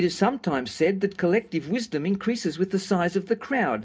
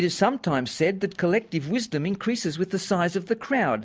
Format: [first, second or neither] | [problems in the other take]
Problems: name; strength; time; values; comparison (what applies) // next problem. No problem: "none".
second | room echo; dies away in 0.3 s